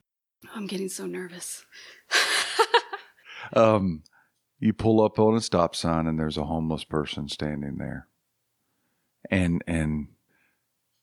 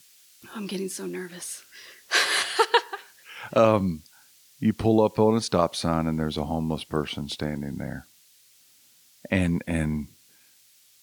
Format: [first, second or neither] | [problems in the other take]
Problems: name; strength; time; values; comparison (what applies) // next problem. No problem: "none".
first | hiss; faint; throughout; 30 dB below the speech